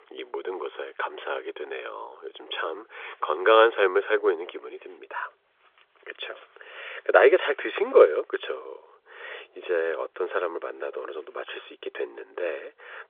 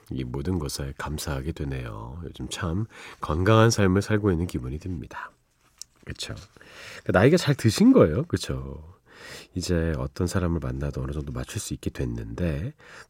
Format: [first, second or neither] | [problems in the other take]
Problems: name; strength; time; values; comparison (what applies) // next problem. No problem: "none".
second | phone-call audio; nothing above 3.5 kHz